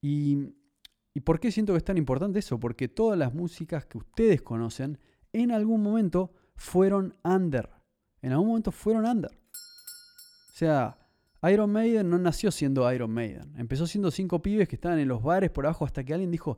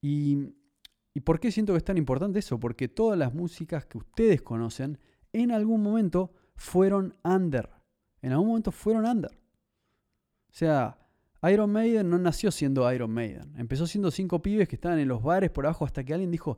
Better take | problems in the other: second | doorbell; faint; at 9.5 s; peak 15 dB below the speech

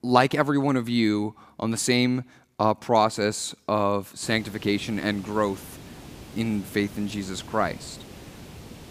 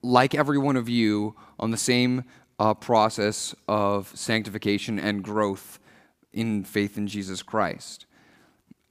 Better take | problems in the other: second | hiss; noticeable; from 4 s on; 20 dB below the speech

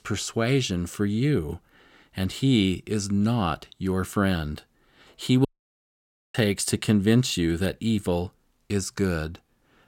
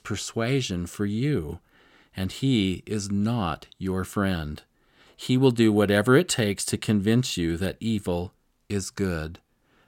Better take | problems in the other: second | audio cutting out; at 5.5 s for 1 s

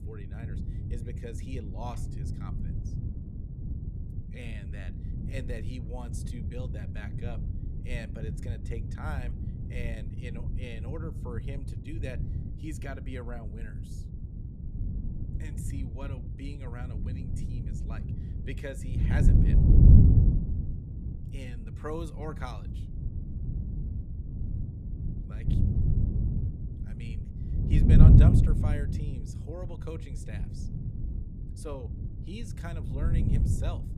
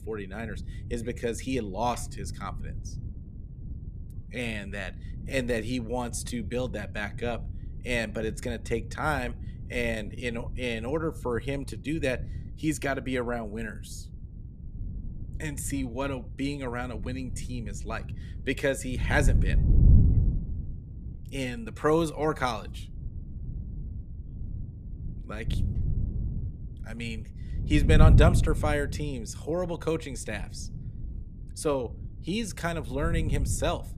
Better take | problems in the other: second | wind noise on the microphone; heavy; 2 dB above the speech; occasional gusts in the second

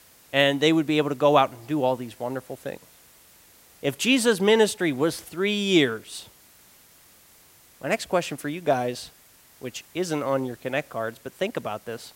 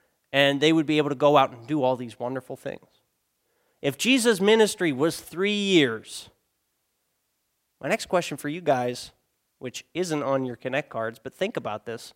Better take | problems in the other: second | hiss; faint; throughout; 25 dB below the speech

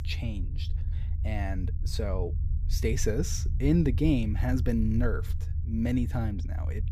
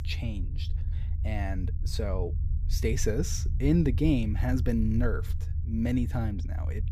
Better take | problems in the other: neither | low rumble; noticeable; throughout; 15 dB below the speech; the same in both

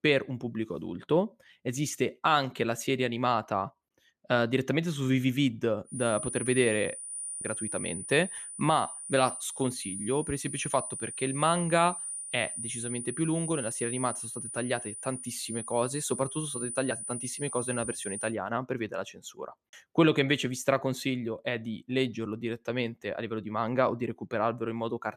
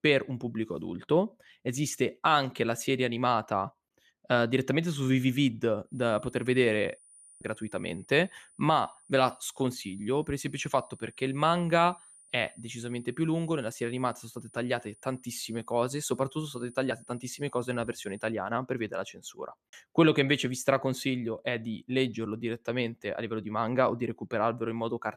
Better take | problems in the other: second | high-pitched whine; loud; from 6 to 18 s; 9.5 kHz, 6 dB below the speech; faint in the second

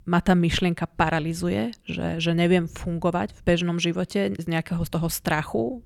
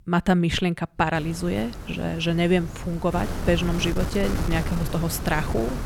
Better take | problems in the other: first | wind noise on the microphone; heavy; from 1 s on; 10 dB below the speech

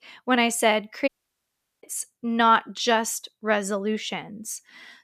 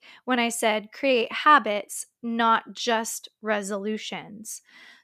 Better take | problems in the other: second | audio cutting out; at 1 s for 0.5 s

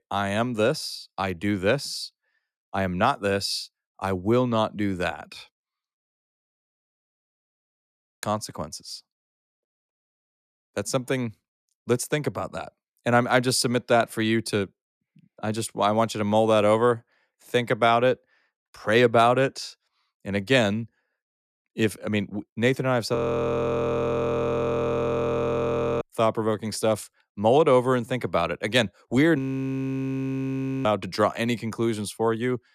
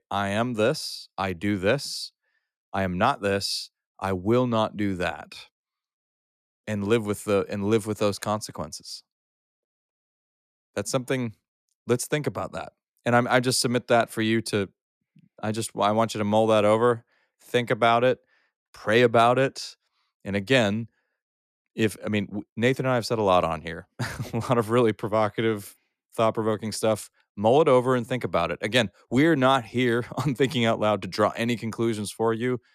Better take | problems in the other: second | audio freezing; at 6.5 s for 2 s, at 23 s for 3 s and at 29 s for 1.5 s

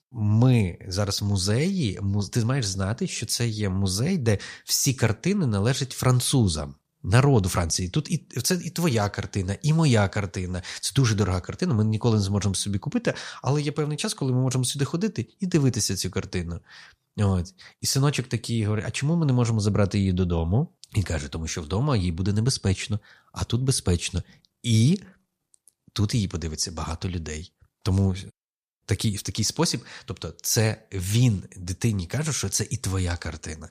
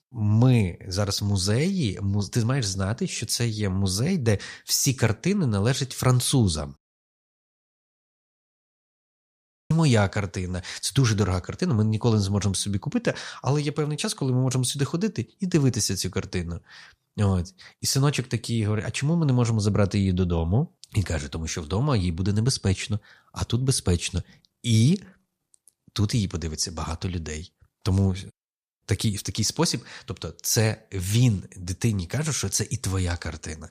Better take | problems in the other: first | audio cutting out; at 7 s for 3 s

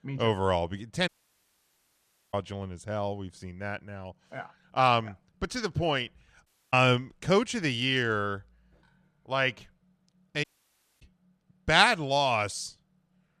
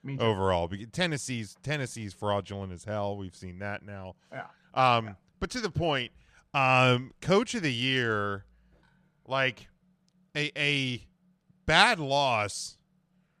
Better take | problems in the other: second | audio cutting out; at 1 s for 1.5 s, at 6.5 s and at 10 s for 0.5 s

